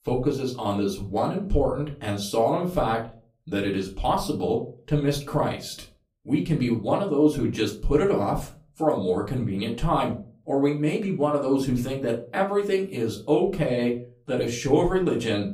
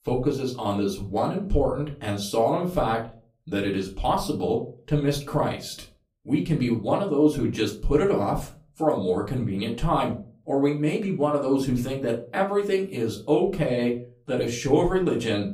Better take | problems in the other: neither | off-mic speech; far; the same in both // room echo; very slight; dies away in 0.3 s; the same in both

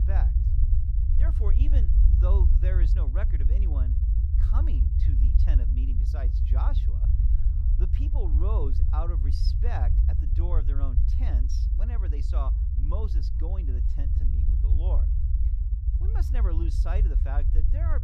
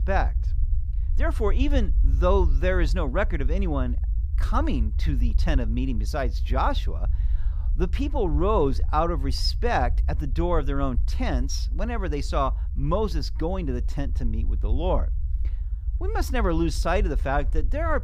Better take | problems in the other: second | low rumble; loud; throughout; 2 dB below the speech; faint in the second

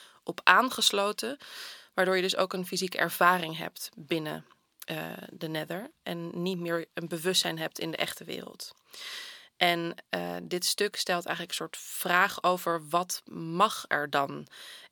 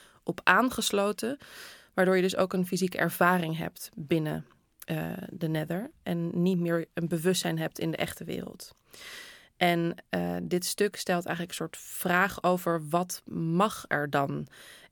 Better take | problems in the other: second | thin; somewhat; fading below 400 Hz

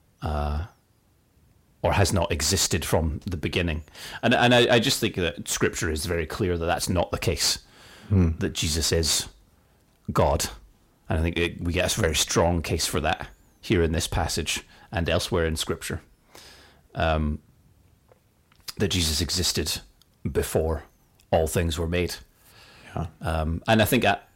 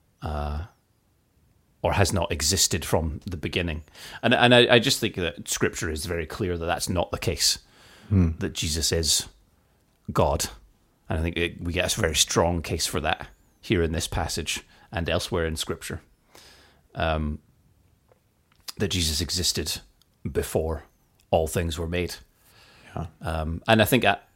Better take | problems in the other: second | distortion; slight; 10 dB below the speech

